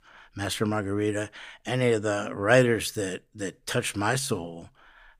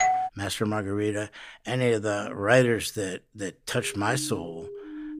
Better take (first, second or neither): first